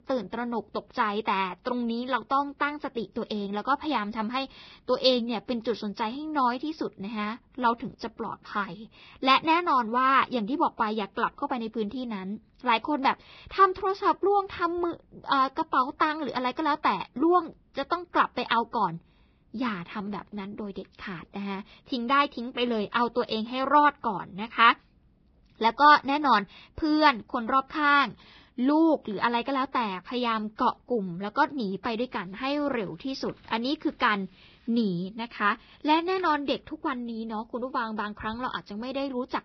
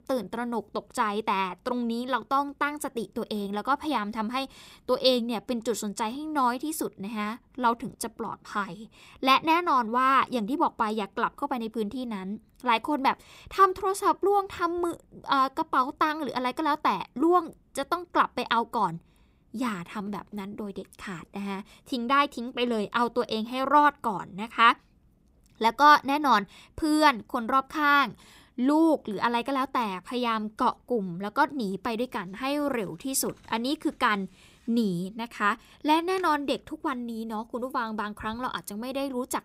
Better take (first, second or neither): second